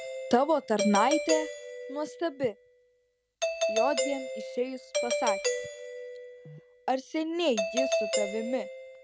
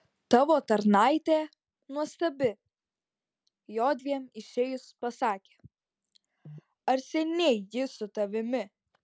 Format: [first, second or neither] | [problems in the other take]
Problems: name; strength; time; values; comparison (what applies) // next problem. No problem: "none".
second | background sound (Doorbell); 2 dB below the speech